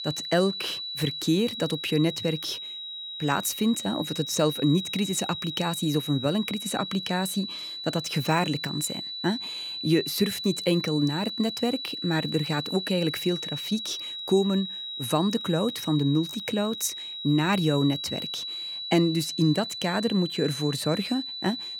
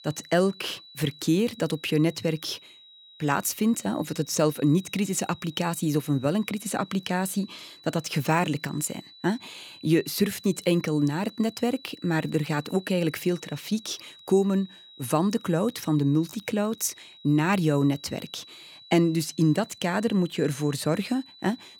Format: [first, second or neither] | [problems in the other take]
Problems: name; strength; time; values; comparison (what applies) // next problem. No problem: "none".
second | high-pitched whine; loud; throughout; 4 kHz, 6 dB below the speech; faint in the second